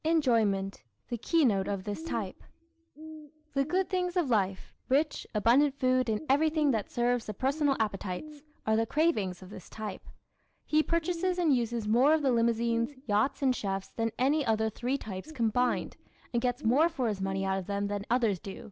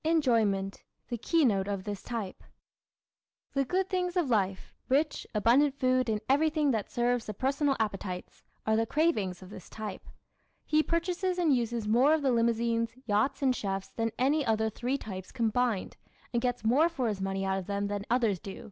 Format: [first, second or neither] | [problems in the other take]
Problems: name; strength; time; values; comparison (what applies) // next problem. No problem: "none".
second | background sound (Bird); 17 dB below the speech